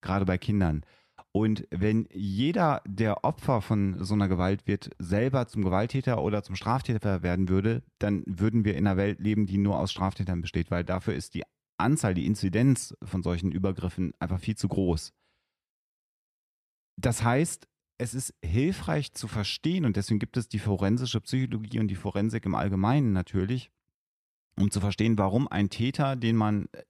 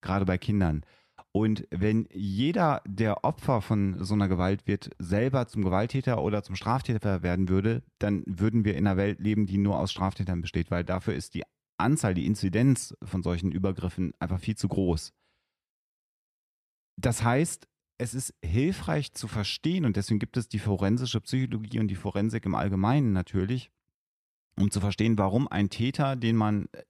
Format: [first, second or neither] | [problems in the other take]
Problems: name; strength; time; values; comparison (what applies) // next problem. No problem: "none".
neither | none